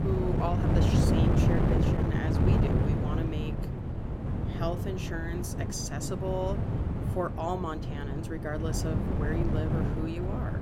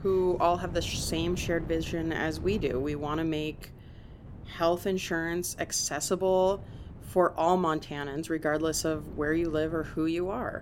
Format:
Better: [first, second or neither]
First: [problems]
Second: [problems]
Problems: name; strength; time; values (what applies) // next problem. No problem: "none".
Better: second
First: wind noise on the microphone; heavy; as loud as the speech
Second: wind noise on the microphone; occasional gusts; 20 dB below the speech